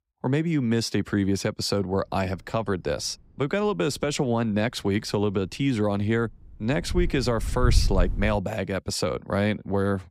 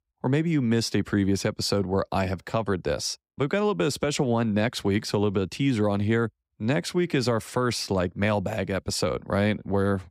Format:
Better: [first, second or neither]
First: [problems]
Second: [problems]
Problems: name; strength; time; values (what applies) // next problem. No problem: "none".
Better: second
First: wind noise on the microphone; occasional gusts; from 2 to 8.5 s; 20 dB below the speech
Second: none